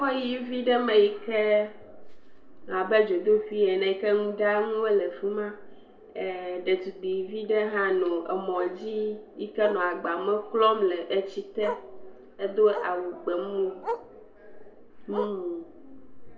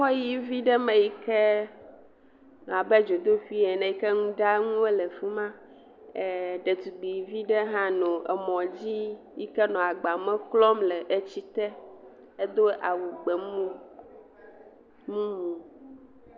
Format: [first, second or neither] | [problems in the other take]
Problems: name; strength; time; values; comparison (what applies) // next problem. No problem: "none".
second | background sound (Bark); 17 dB below the speech // room echo; dies away in 0.4 s